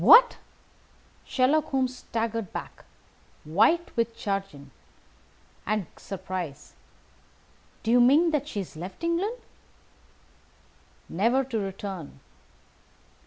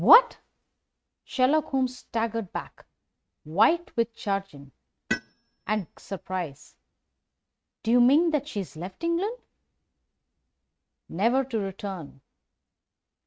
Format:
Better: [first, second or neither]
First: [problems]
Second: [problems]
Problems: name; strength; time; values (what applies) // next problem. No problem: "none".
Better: first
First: none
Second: noise reduction (neural mask model RNNoise)